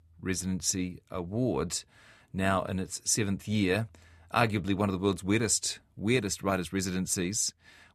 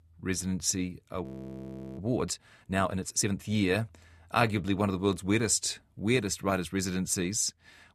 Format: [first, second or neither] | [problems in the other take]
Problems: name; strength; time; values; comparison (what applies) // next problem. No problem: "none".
first | audio freezing; at 1 s for 0.5 s